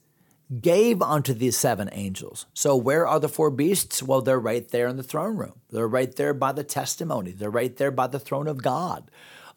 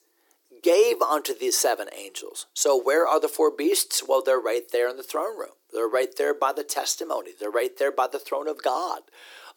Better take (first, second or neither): first